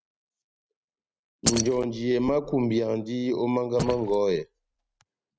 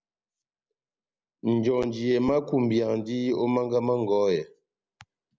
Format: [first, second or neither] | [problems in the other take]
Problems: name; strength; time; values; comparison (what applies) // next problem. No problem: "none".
second | noise reduction (neural mask model RNNoise)